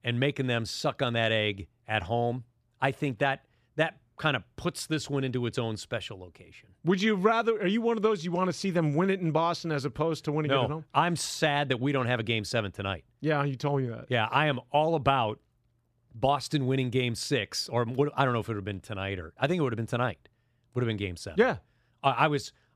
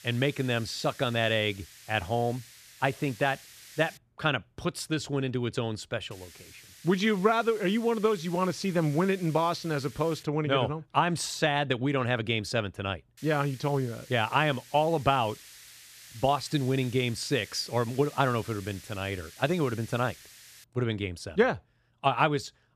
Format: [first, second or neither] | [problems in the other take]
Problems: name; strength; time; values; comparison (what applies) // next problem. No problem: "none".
first | hiss; noticeable; until 4 s, from 6 to 10 s and from 13 to 21 s; 20 dB below the speech